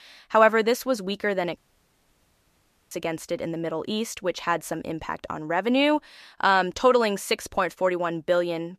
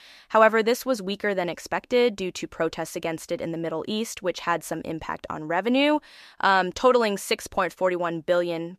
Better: second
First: audio cutting out; at 1.5 s for 1.5 s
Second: none

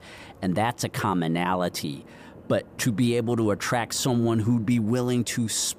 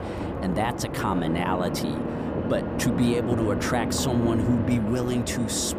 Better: first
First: low rumble; faint; throughout; 25 dB below the speech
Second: low rumble; loud; throughout; 3 dB below the speech

